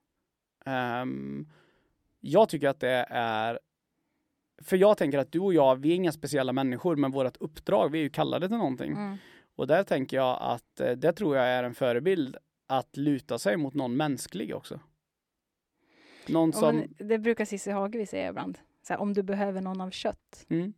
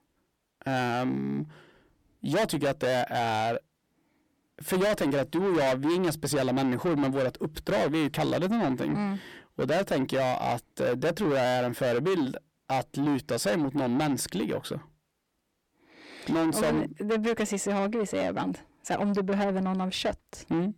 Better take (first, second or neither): first